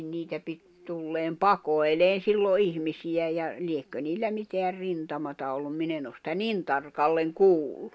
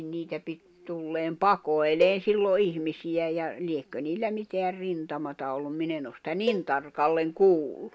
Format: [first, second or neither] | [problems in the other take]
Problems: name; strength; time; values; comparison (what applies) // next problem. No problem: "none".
first | background sound (Cowbell); 9 dB below the speech